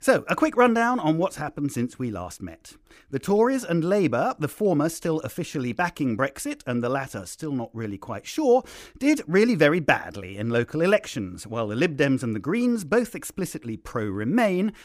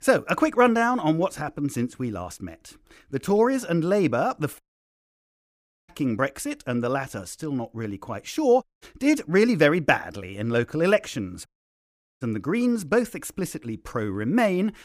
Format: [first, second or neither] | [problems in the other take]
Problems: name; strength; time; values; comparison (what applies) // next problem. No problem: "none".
first | audio cutting out; at 4.5 s for 1.5 s, at 8.5 s and at 11 s for 1 s